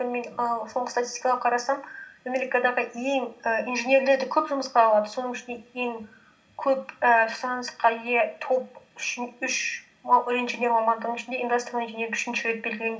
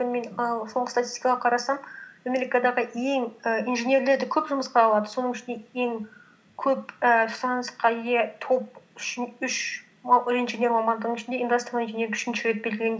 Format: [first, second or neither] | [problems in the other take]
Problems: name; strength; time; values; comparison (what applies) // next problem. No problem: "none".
second | room echo; dies away in 0.2 s